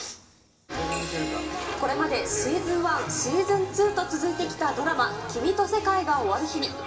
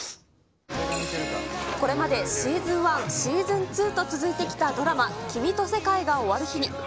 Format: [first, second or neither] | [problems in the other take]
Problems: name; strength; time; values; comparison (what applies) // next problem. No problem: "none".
second | room echo; dies away in 2.8 s